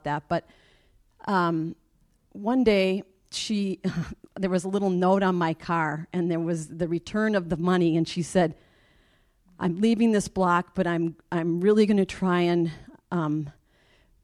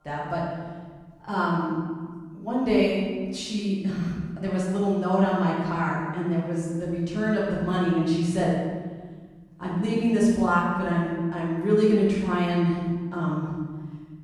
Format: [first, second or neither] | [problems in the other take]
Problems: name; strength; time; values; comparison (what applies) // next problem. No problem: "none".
first | room echo; strong; dies away in 1.4 s // off-mic speech; far